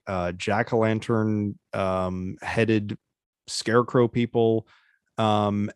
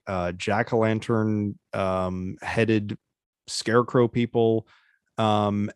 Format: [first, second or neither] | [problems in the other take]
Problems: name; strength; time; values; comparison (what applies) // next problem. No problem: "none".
neither | none